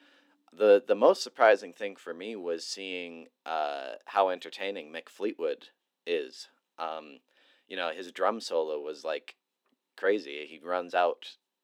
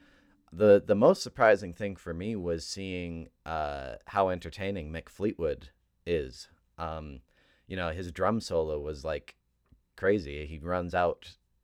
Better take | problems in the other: second | thin; somewhat; fading below 250 Hz

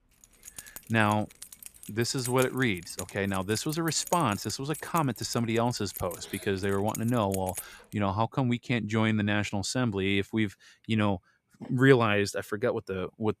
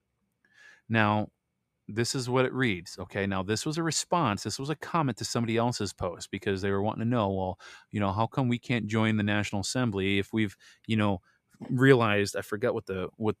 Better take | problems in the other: second | jangling keys; noticeable; until 8 s; peak 8 dB below the speech

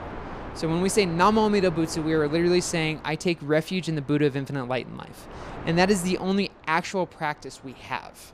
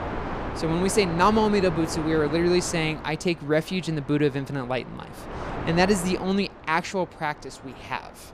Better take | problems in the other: first | wind noise on the microphone; heavy; 10 dB below the speech; occasional gusts in the first

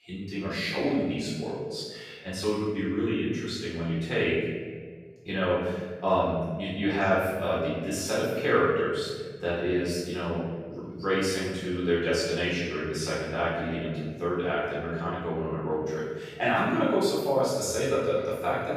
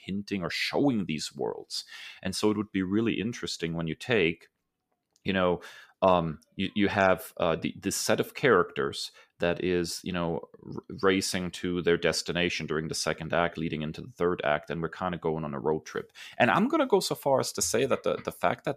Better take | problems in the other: second | off-mic speech; far // room echo; strong; dies away in 1.5 s

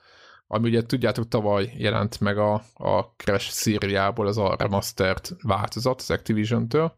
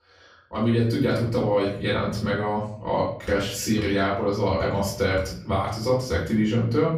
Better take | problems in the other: first | off-mic speech; far // room echo; noticeable; dies away in 0.5 s

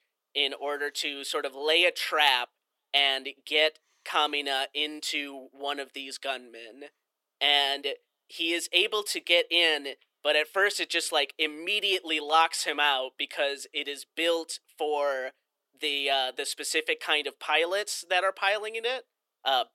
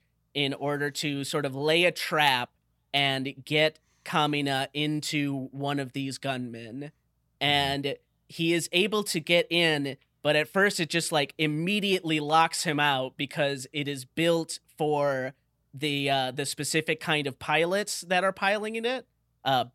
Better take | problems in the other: second | thin; very; fading below 350 Hz

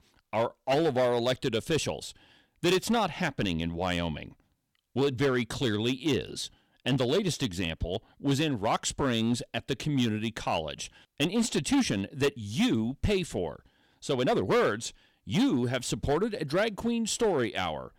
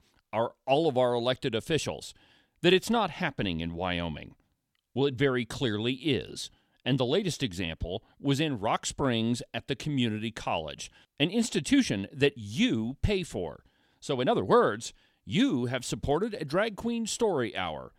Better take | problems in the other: second | distortion; slight; 6% of the sound clipped

